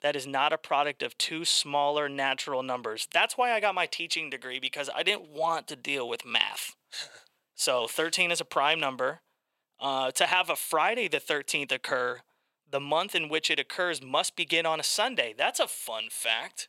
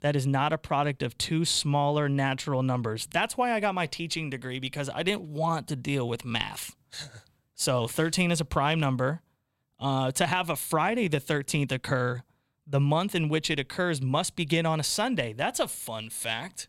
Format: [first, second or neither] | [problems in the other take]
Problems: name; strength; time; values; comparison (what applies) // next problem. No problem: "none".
second | thin; very; fading below 500 Hz